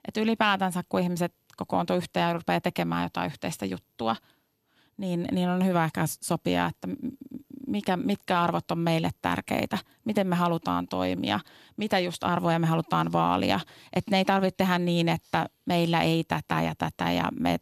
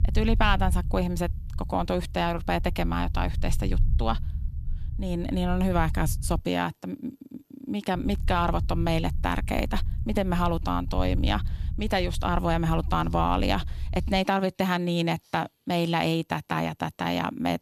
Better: first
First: none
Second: low rumble; faint; until 6.5 s and from 8 to 14 s; 20 dB below the speech

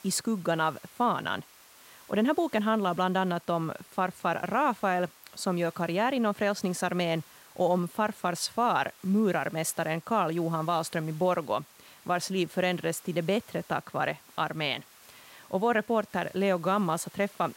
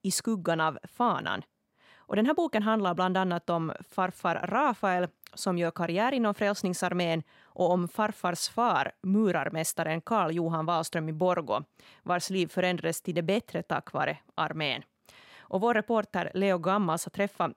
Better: second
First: hiss; faint; throughout; 25 dB below the speech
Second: none

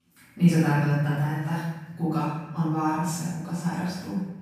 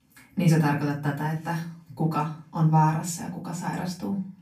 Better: second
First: room echo; strong; dies away in 1.1 s // off-mic speech; far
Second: room echo; slight; dies away in 0.3 s // off-mic speech; far

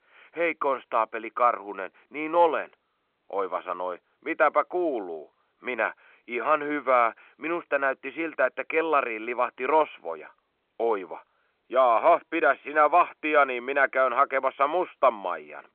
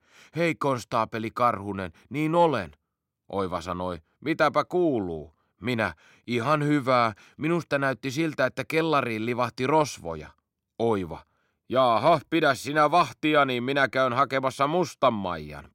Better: second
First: phone-call audio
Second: none

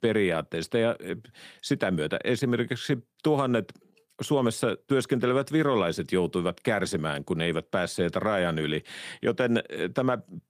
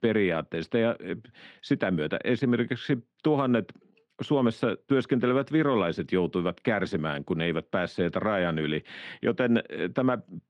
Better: first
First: none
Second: muffled; slightly; fading above 3 kHz

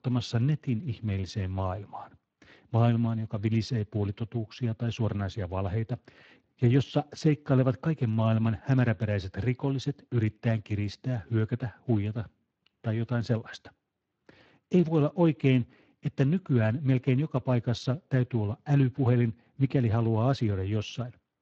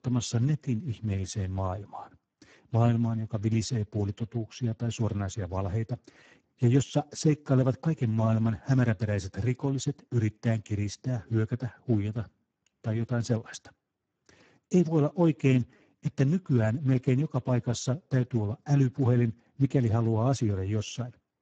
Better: first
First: garbled, watery; slightly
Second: garbled, watery; badly; nothing above 7.5 kHz

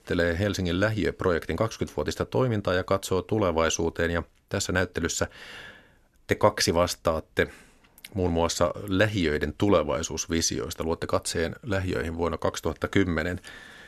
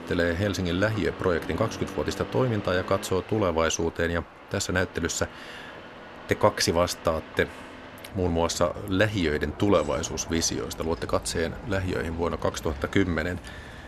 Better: first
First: none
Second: traffic noise; noticeable; throughout; 15 dB below the speech

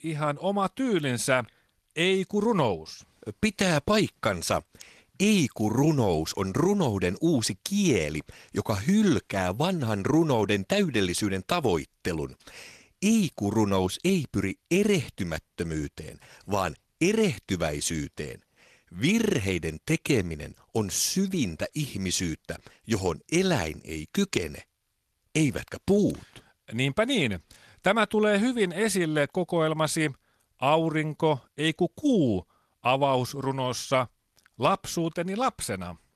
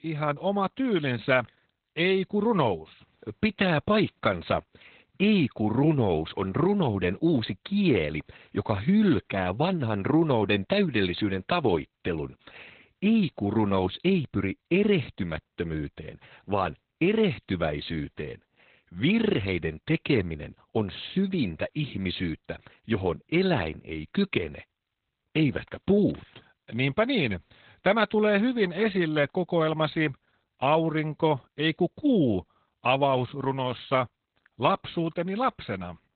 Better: first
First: garbled, watery; slightly; nothing above 13.5 kHz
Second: garbled, watery; badly; nothing above 4 kHz

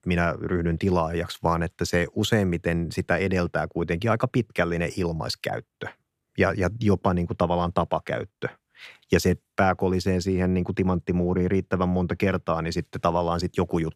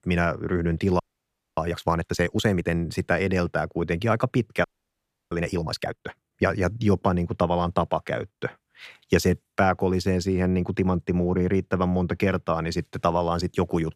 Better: first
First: none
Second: audio freezing; at 1 s for 0.5 s and at 4.5 s for 0.5 s

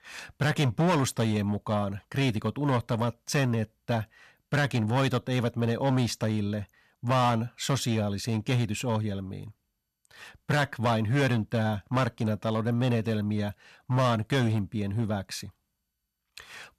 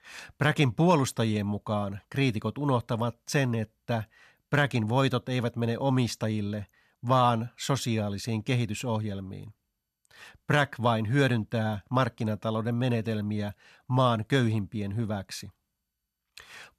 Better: second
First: distortion; slight; 7% of the sound clipped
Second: none

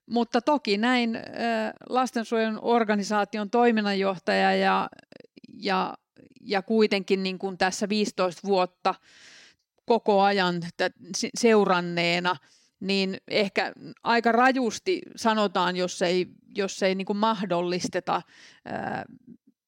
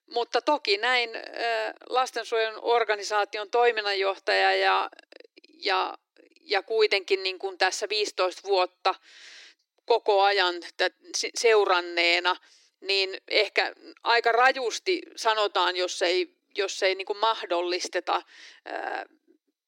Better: first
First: none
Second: thin; very; fading below 300 Hz

